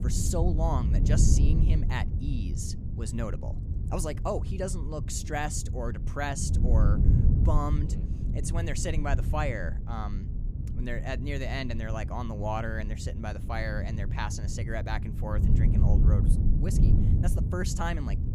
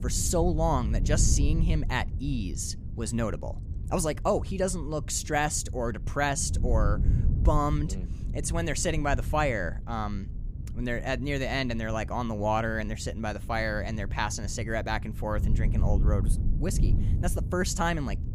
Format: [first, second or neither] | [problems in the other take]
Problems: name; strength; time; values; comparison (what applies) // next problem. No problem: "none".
second | wind noise on the microphone; heavy; 7 dB below the speech; occasional gusts in the second